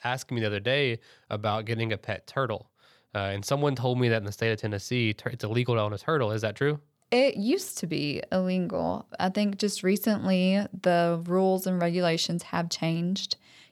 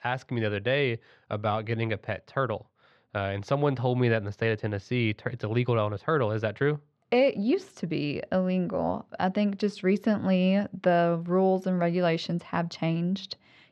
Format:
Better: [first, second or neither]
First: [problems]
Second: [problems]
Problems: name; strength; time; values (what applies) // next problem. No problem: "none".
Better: first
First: none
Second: muffled; slightly; fading above 2.5 kHz